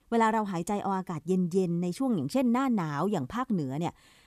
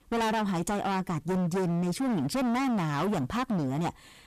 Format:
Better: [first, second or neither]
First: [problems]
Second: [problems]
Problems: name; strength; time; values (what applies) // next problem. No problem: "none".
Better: first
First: none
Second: distortion; heavy; 36% of the sound clipped